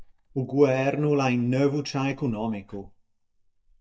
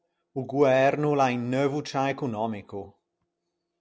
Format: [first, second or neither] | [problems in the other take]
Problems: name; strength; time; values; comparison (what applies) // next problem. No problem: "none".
second | noise reduction (neural mask model DeepFilterNet 3)